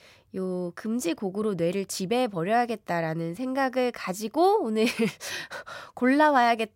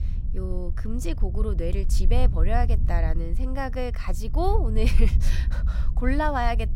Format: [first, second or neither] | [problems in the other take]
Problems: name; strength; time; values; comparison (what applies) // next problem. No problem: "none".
first | wind noise on the microphone; occasional gusts; 15 dB below the speech